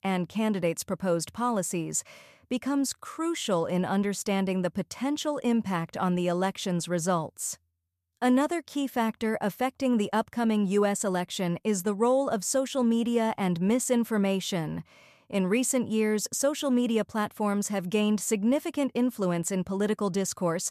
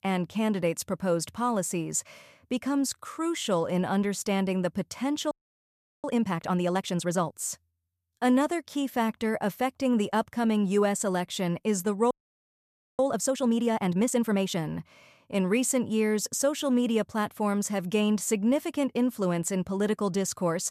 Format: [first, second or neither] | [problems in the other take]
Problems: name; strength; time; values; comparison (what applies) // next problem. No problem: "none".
first | audio freezing; at 5.5 s for 0.5 s and at 12 s for 1 s